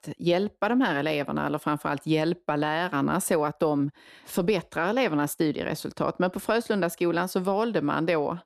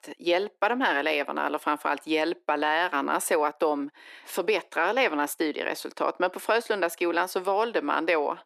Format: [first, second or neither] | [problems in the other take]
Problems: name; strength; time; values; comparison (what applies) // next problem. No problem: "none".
first | thin; somewhat; fading below 300 Hz